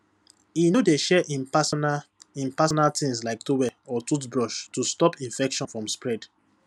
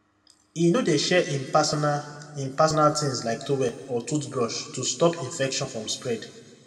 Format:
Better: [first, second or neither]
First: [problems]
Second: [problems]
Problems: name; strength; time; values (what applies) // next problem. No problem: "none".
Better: first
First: none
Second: room echo; dies away in 1.7 s